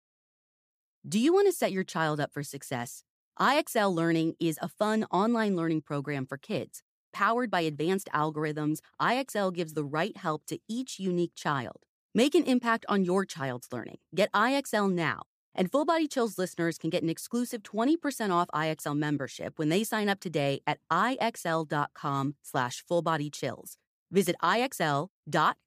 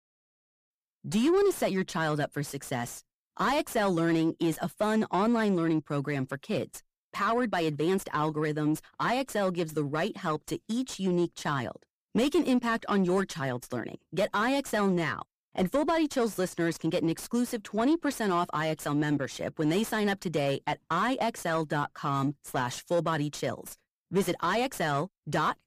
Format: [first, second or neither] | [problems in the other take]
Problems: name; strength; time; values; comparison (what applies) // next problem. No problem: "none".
first | distortion; slight; 10 dB below the speech